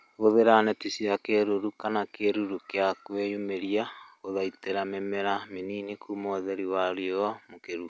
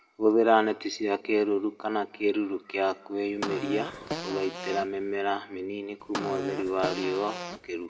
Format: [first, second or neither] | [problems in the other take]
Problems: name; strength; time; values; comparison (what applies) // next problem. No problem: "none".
first | background sound (Fart); 8 dB below the speech // room echo; dies away in 0.6 s